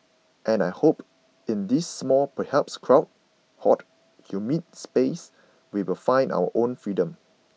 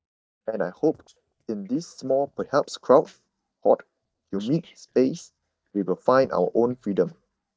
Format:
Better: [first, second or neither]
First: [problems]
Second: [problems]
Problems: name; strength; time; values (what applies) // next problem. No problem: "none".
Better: first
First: none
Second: noise reduction (neural mask model DeepFilterNet 3)